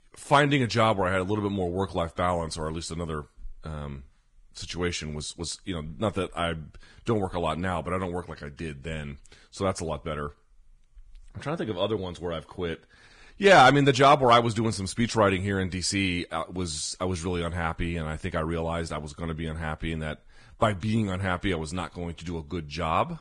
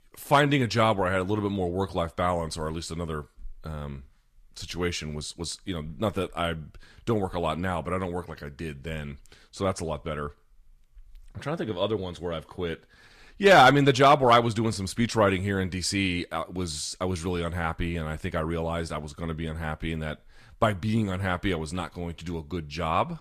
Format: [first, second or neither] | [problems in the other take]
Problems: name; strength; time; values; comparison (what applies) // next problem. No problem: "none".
second | garbled, watery; badly; slightly in the second